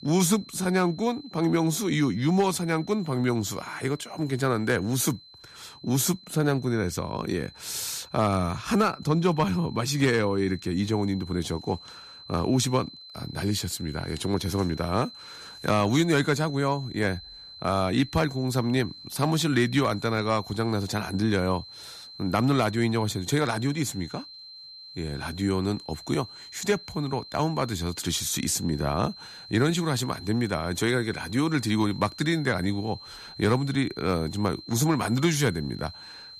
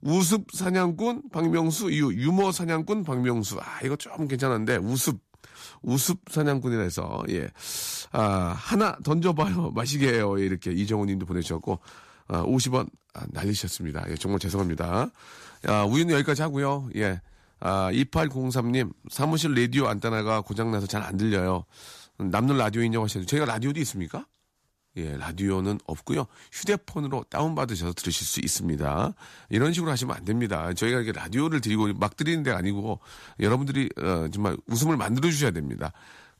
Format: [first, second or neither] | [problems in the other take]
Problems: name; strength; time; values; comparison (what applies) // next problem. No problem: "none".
second | high-pitched whine; noticeable; throughout; 4 kHz, 15 dB below the speech